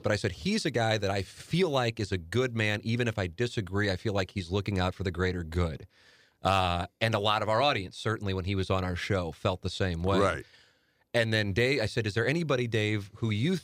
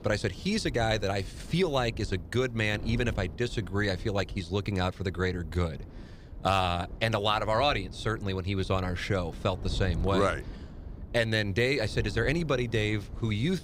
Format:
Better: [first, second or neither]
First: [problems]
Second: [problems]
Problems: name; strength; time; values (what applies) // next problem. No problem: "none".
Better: first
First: none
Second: wind noise on the microphone; occasional gusts; 20 dB below the speech